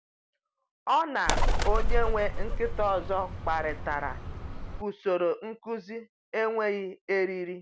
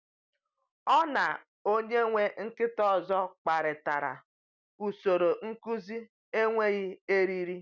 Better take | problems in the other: second | background sound (Bird); 3 dB above the speech

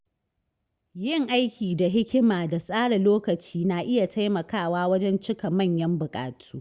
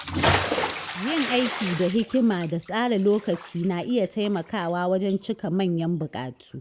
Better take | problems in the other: first | background sound (Bathtub (filling or washing) / Splash, splatter); 6 dB below the speech

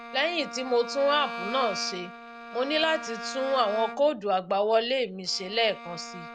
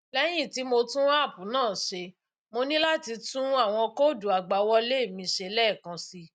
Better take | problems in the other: second | background sound (Bowed string instrument); 12 dB below the speech

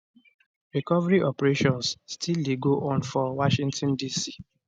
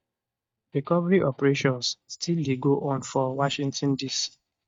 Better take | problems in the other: first | noise reduction (neural mask model DeepFilterNet 3)

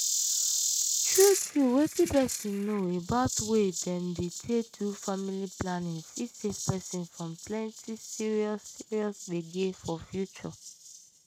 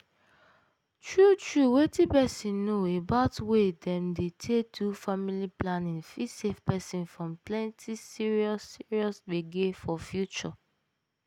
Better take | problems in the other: second | noise reduction (neural mask model RNNoise)

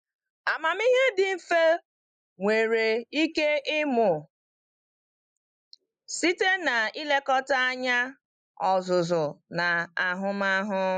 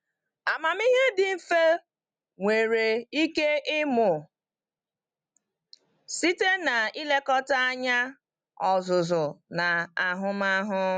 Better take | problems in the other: second | noise reduction (neural mask model Resemble Enhance denoiser)

